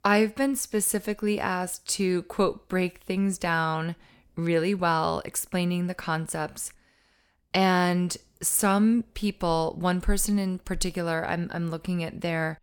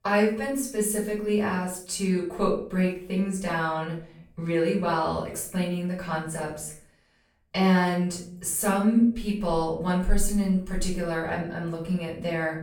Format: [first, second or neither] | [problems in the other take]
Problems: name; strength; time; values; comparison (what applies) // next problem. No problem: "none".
first | room echo; noticeable; dies away in 0.4 s // off-mic speech; far